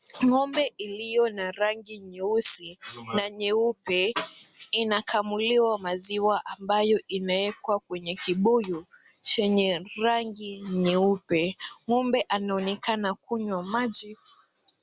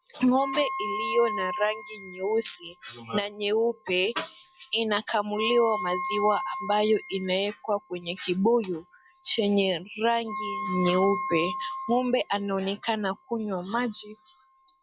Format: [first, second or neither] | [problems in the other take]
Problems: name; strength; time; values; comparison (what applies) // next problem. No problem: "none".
first | noise reduction (classical method log-MMSE)